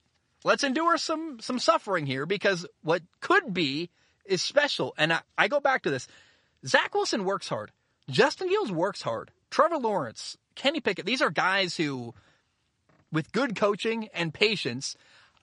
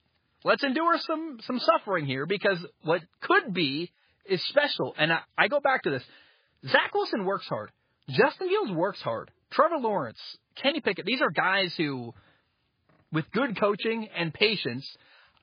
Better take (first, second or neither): first